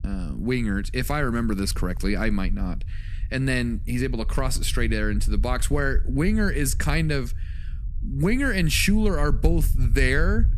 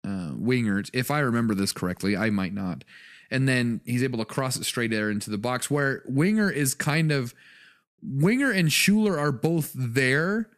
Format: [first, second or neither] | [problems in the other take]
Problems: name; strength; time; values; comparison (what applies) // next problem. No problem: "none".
second | low rumble; faint; throughout; 25 dB below the speech